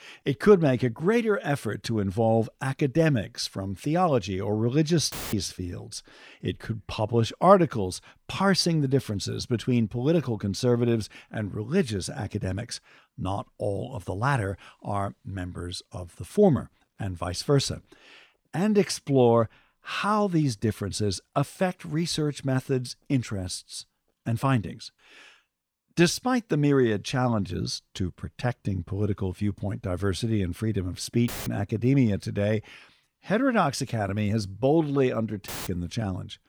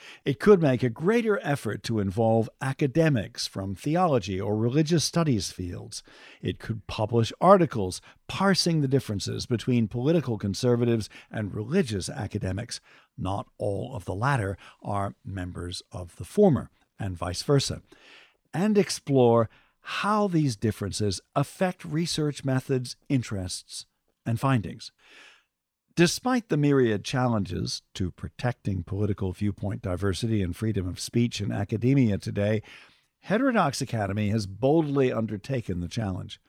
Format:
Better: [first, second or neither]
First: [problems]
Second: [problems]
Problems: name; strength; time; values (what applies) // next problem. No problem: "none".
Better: second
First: audio cutting out; filled with static; at 5 s, at 31 s and at 35 s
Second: none